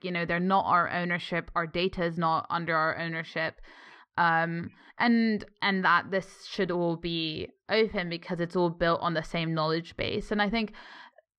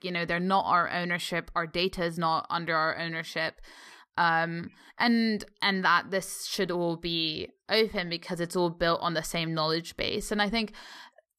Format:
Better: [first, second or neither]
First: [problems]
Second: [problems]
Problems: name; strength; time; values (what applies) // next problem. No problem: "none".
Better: second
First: muffled; very slightly; fading above 3 kHz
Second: none